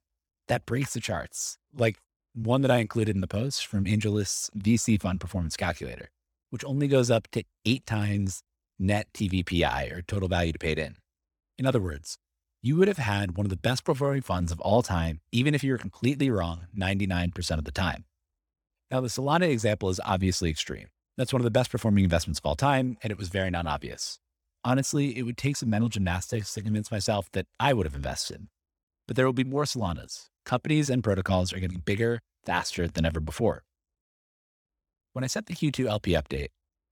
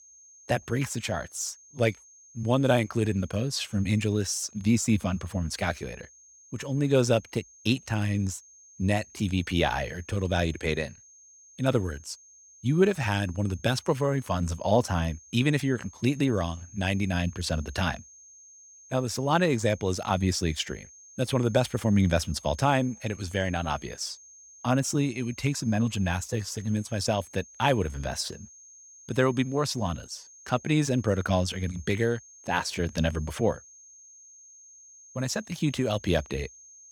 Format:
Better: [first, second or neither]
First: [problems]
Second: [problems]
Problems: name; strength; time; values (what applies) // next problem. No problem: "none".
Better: first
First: none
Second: high-pitched whine; faint; throughout; 6.5 kHz, 20 dB below the speech